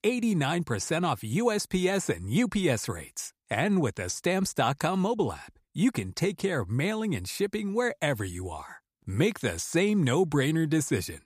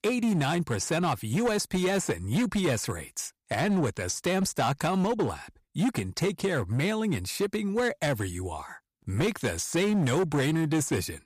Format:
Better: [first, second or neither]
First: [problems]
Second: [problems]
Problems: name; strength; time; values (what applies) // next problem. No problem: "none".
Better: first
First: none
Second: distortion; slight; 11% of the sound clipped